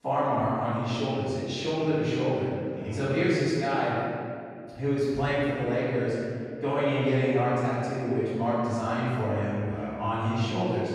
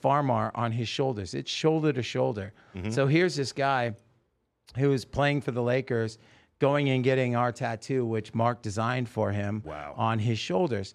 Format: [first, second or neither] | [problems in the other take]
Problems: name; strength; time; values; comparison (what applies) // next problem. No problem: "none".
second | off-mic speech; far // room echo; strong; dies away in 2.2 s